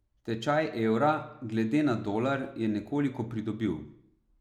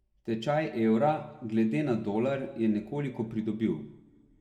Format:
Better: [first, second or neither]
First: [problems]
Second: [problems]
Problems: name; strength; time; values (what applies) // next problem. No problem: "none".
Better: first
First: none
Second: room echo; dies away in 1.4 s